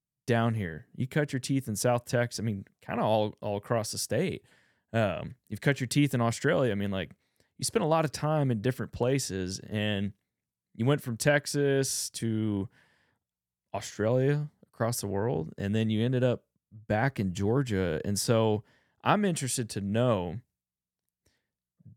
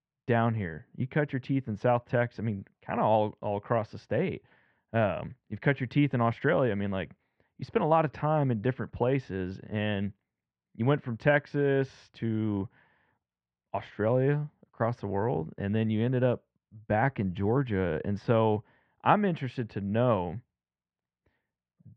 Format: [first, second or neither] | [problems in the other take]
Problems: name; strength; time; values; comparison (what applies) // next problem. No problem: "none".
first | muffled; very; fading above 3 kHz